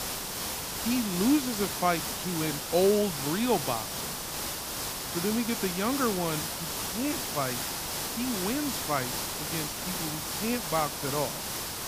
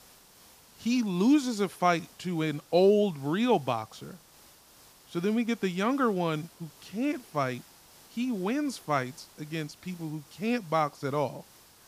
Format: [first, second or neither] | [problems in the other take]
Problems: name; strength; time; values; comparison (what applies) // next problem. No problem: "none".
second | hiss; loud; throughout; 1 dB below the speech; faint in the second